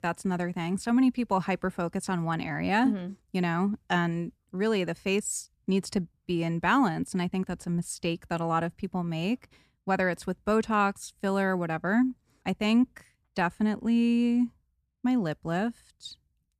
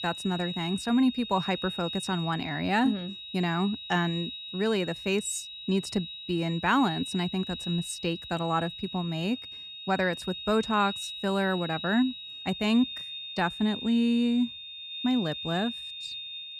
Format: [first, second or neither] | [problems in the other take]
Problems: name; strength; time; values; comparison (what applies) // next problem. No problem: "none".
first | high-pitched whine; loud; throughout; 3.5 kHz, 8 dB below the speech